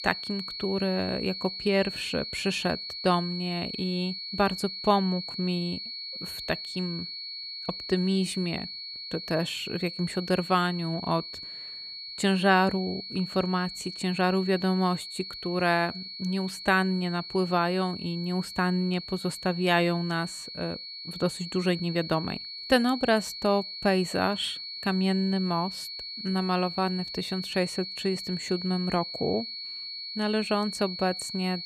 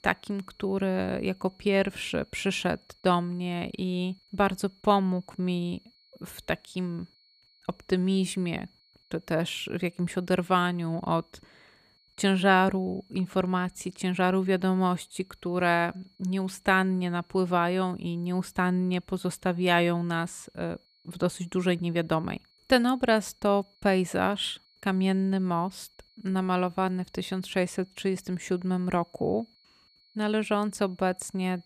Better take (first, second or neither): second